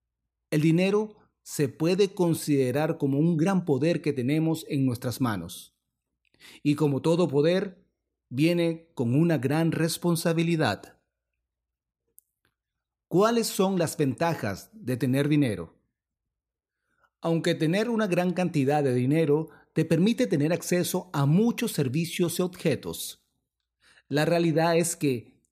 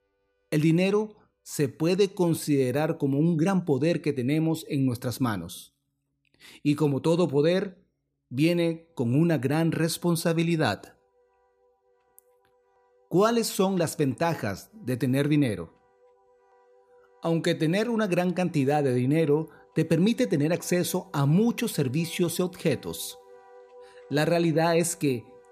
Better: first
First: none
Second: background music; faint; throughout; 30 dB below the speech

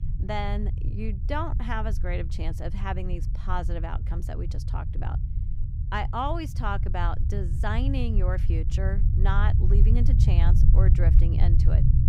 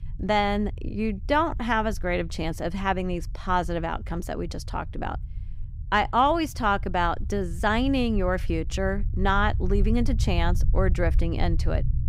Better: second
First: low rumble; loud; throughout; 8 dB below the speech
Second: low rumble; faint; throughout; 25 dB below the speech

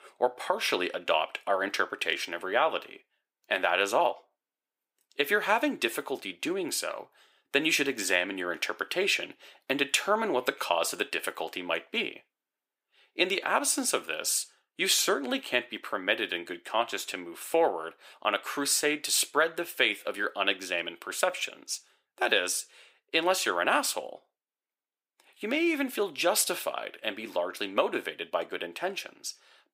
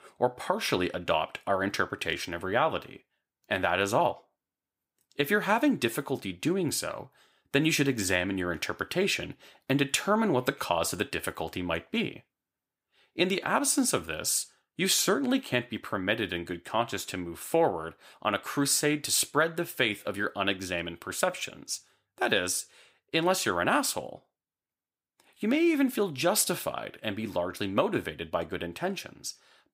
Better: second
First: thin; somewhat; fading below 400 Hz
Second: none

